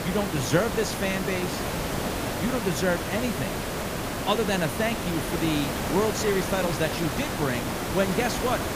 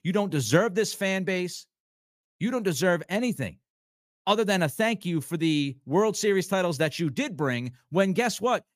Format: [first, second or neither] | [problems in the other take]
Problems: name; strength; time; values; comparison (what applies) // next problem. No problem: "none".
second | hiss; loud; throughout; 2 dB below the speech